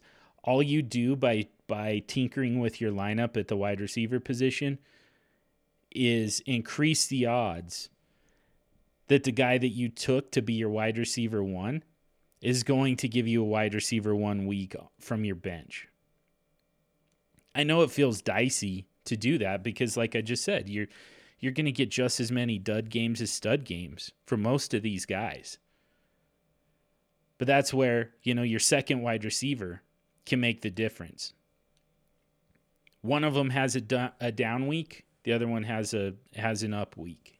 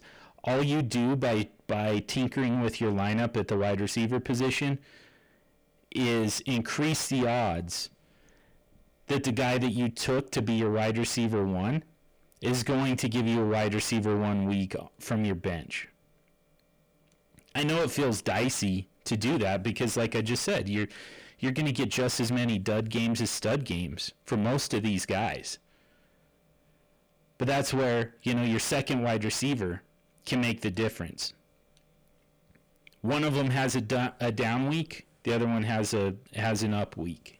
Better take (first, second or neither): first